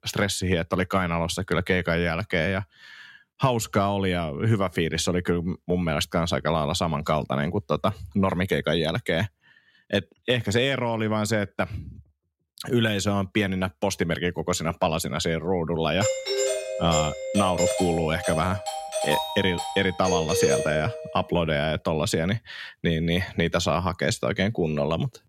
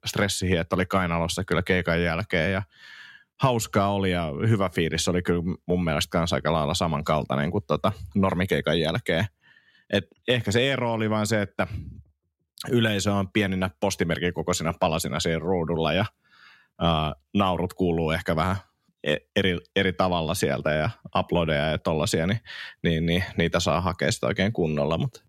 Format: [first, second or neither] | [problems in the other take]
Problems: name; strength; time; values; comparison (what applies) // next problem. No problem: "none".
second | doorbell; loud; from 16 to 21 s; peak 1 dB above the speech